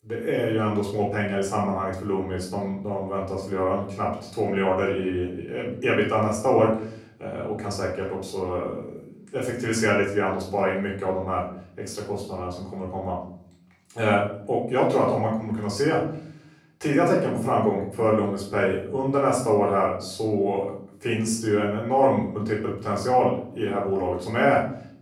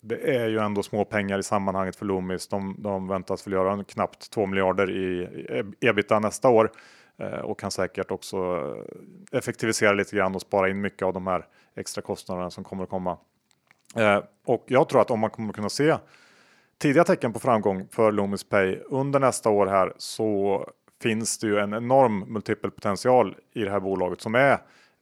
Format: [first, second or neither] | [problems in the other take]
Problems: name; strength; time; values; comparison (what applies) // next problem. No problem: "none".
second | off-mic speech; far // room echo; noticeable; dies away in 0.6 s